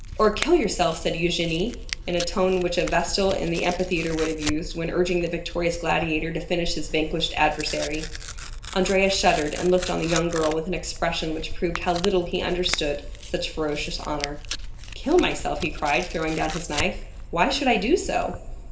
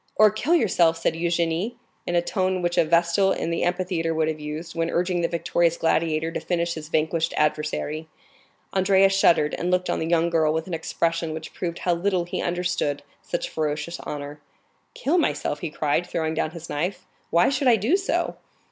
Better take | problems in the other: second | background sound (Tearing); 8 dB below the speech // room echo; dies away in 1.9 s

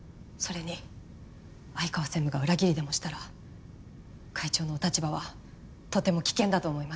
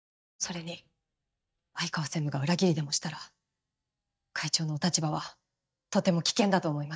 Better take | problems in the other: first | noise reduction (neural mask model DeepFilterNet 3)

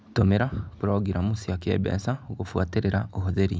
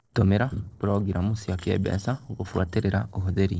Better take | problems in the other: first | noise reduction (neural separator model SepFormer DNS4)

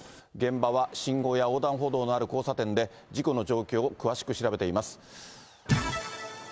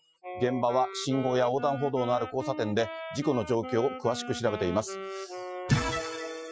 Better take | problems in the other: first | noise reduction (classical method Wiener filter)

